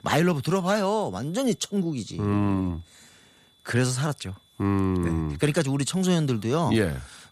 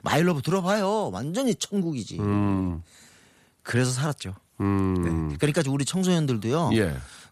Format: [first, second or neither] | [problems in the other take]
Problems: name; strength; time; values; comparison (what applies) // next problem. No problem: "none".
second | high-pitched whine; faint; throughout; 3.5 kHz, 35 dB below the speech